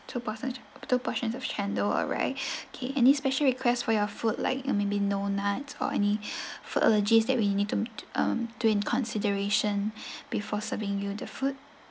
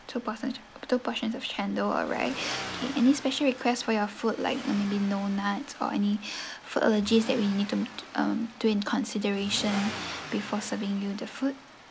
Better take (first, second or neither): first